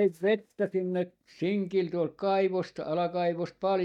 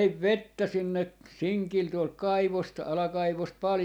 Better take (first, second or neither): second